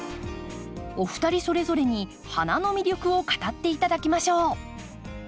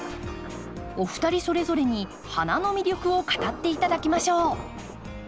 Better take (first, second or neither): first